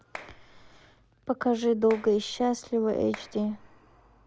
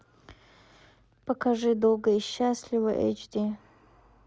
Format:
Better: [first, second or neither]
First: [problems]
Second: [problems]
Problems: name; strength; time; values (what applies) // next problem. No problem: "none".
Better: second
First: background sound (Clapping); 19 dB below the speech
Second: none